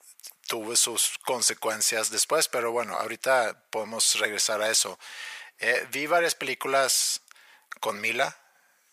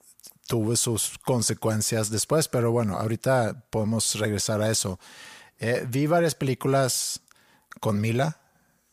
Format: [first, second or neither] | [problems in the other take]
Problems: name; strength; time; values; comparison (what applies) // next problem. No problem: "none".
second | thin; very; fading below 600 Hz